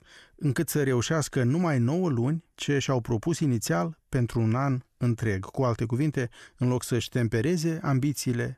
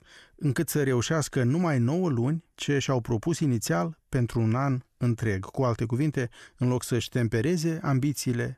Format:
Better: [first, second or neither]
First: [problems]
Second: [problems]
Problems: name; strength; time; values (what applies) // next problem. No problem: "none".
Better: neither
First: none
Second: none